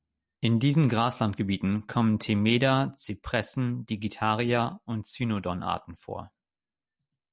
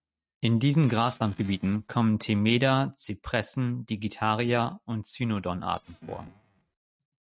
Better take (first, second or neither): first